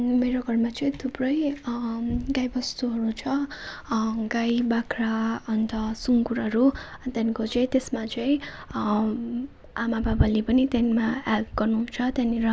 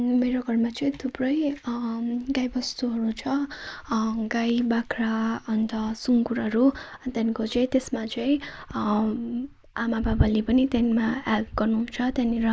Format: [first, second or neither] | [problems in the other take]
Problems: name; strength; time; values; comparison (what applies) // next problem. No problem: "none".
first | noise reduction (neural mask model Resemble Enhance denoiser)